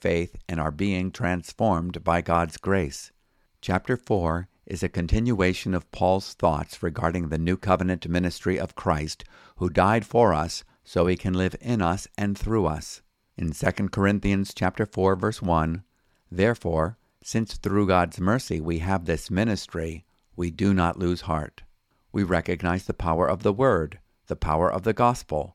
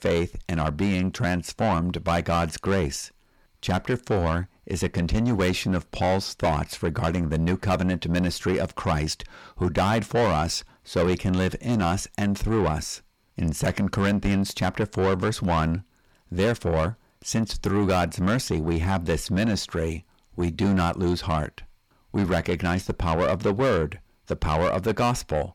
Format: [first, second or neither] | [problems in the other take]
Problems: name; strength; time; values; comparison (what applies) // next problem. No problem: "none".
first | distortion; heavy; 8 dB below the speech